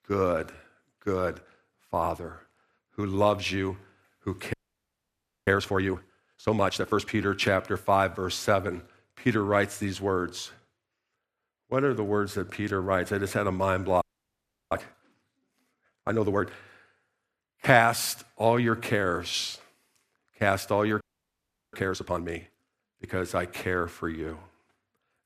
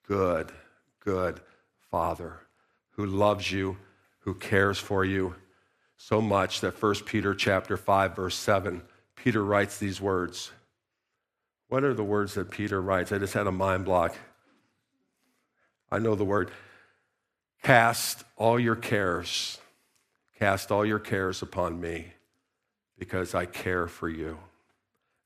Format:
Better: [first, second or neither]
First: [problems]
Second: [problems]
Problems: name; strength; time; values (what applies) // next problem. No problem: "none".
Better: second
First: audio freezing; at 4.5 s for 1 s, at 14 s for 0.5 s and at 21 s for 0.5 s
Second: none